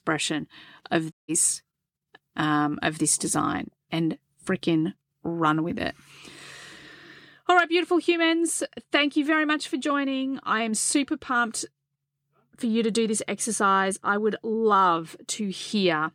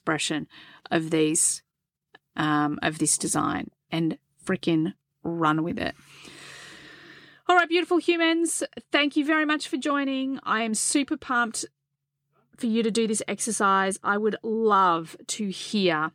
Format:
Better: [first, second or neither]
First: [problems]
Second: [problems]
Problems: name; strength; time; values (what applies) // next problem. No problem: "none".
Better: second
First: audio cutting out; at 1 s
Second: none